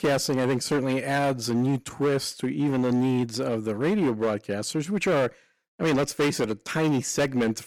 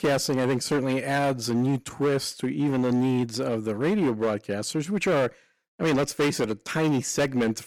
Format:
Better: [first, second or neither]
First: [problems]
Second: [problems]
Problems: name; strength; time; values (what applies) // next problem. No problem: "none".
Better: neither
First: distortion; heavy; 13% of the sound clipped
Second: distortion; heavy; 13% of the sound clipped